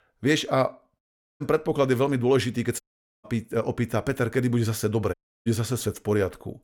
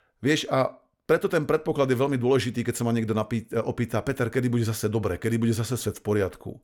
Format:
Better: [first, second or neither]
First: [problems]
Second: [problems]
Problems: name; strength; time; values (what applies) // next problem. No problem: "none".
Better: second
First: audio cutting out; at 1 s, at 3 s and at 5 s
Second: none